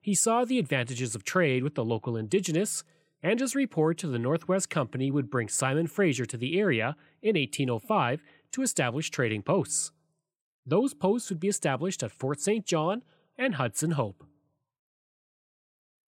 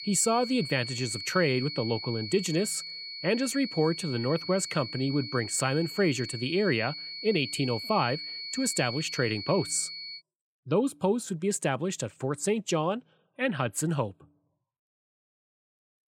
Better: first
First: none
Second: high-pitched whine; loud; until 10 s; 4.5 kHz, 8 dB below the speech

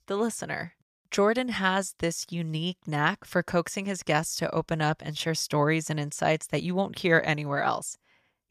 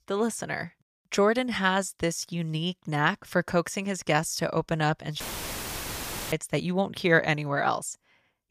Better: first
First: none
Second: audio cutting out; filled with static; at 5 s for 1 s

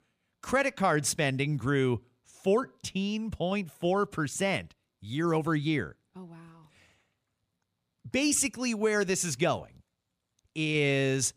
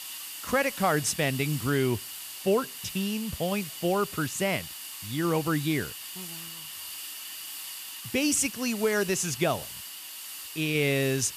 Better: first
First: none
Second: hiss; loud; throughout; 9 dB below the speech

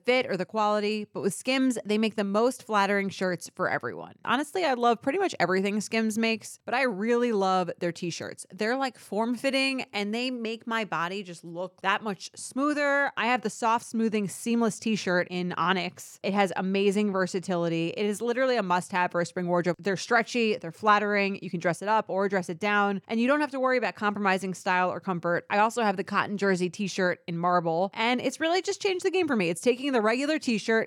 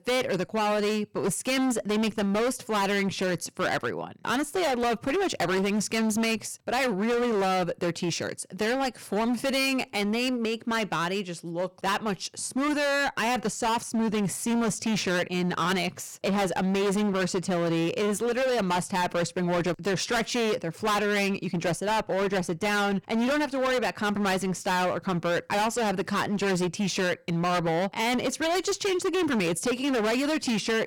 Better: first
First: none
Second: distortion; heavy; 28% of the sound clipped

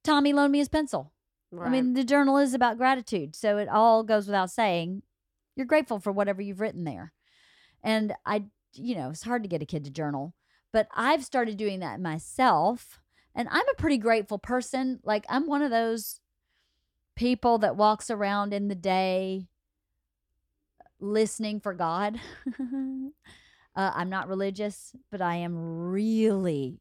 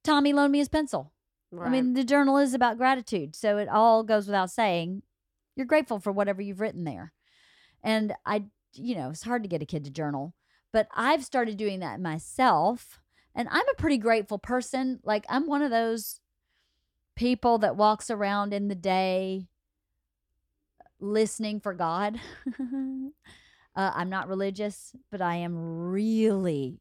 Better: neither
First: none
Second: none

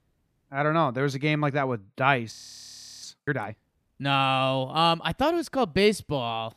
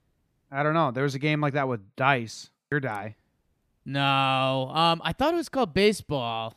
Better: second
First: audio freezing; at 2.5 s for 0.5 s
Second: none

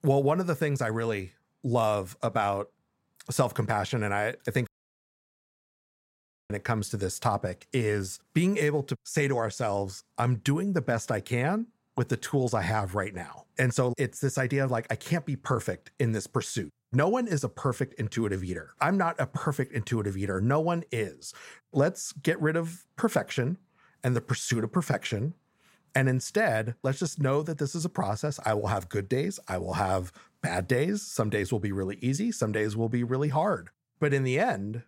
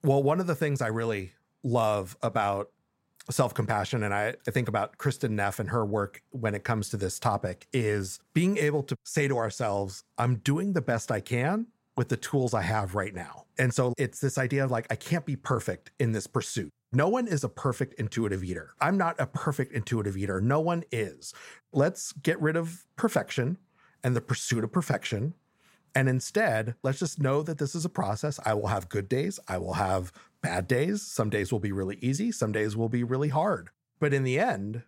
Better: second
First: audio cutting out; at 4.5 s for 2 s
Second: none

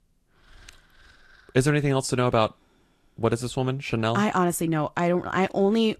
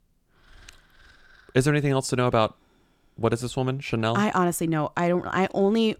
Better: second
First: garbled, watery; slightly; nothing above 13 kHz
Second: none

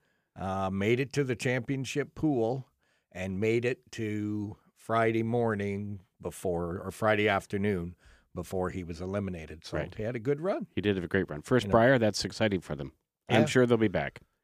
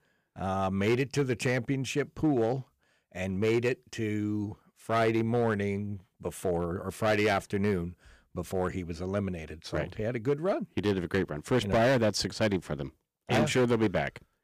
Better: first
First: none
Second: distortion; slight; 4% of the sound clipped

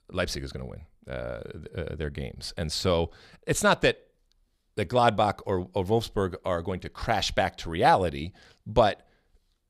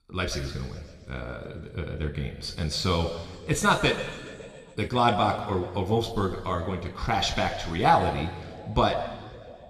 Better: first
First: none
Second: room echo; noticeable; dies away in 1.9 s

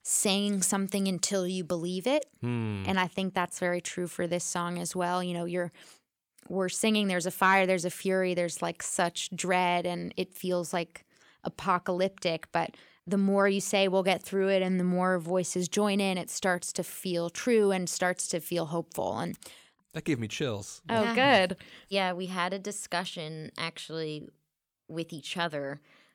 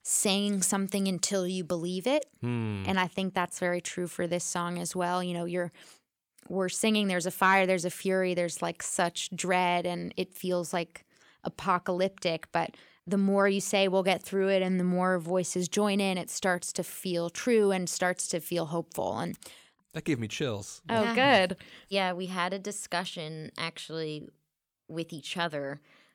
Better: neither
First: none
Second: none

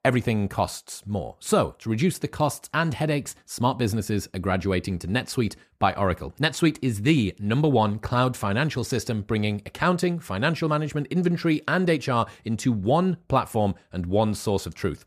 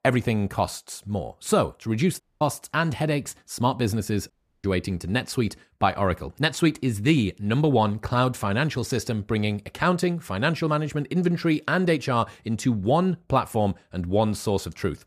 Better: first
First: none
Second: audio cutting out; at 2 s and at 4.5 s

